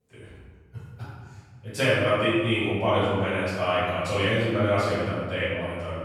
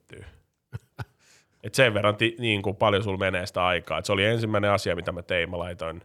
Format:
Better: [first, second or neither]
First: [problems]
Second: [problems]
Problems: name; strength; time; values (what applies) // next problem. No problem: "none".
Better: second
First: room echo; strong; dies away in 1.6 s // off-mic speech; far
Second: none